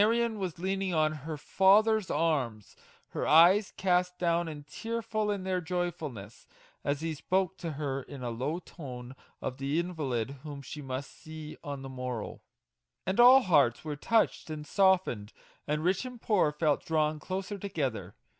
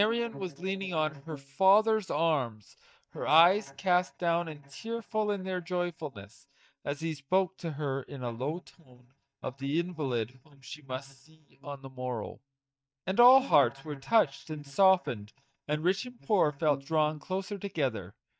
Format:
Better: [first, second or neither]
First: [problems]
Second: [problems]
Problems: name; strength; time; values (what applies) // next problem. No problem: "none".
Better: first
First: none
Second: noise reduction (neural mask model DeepFilterNet 3)